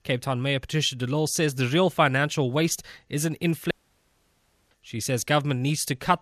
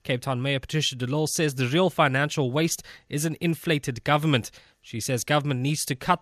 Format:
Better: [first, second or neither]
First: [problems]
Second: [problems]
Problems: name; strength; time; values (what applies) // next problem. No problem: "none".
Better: second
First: audio cutting out; at 3.5 s for 1 s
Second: none